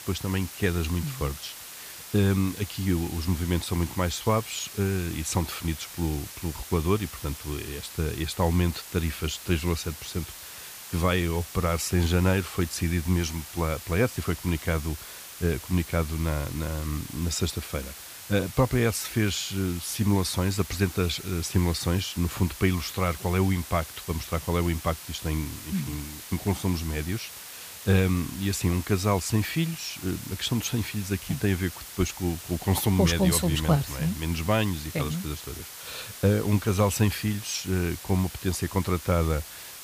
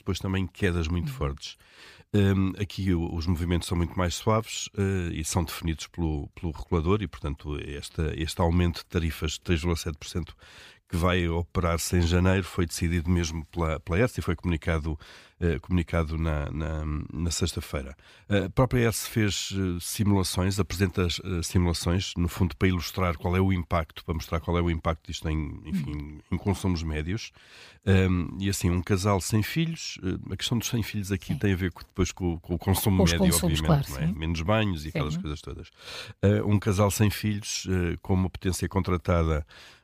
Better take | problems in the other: second | hiss; noticeable; throughout; 10 dB below the speech

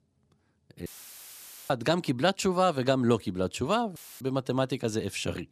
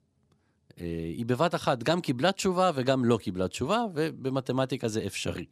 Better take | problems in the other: second | audio cutting out; filled with static; at 1 s for 1 s and at 4 s

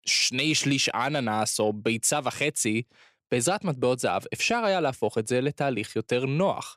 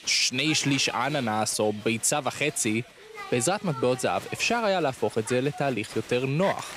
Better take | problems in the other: first | crowd noise; noticeable; throughout; 15 dB below the speech

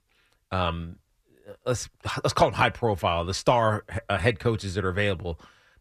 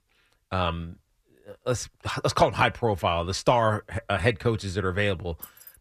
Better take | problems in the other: first | jangling keys; faint; at 5.5 s; peak 15 dB below the speech

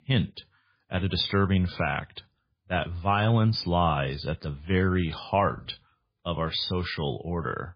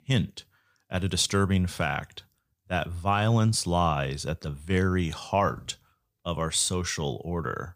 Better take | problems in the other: second | garbled, watery; badly; nothing above 5 kHz

